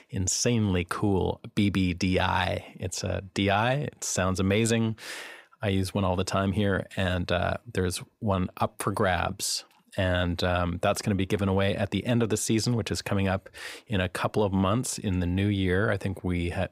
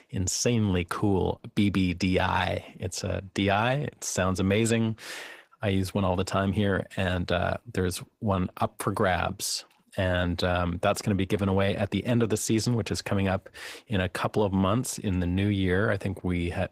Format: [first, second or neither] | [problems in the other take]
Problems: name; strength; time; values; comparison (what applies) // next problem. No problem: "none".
first | garbled, watery; slightly; nothing above 15.5 kHz